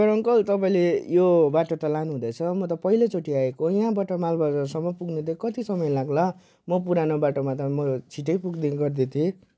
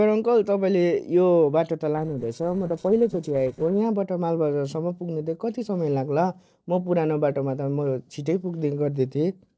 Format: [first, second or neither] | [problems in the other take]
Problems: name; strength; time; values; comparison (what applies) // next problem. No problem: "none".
first | noise reduction (neural separator model SepFormer DNS4)